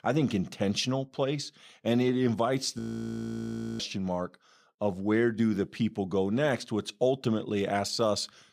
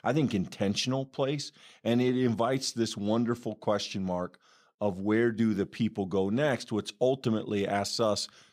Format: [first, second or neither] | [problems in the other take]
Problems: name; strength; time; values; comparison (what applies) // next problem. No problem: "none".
second | audio freezing; at 3 s for 1 s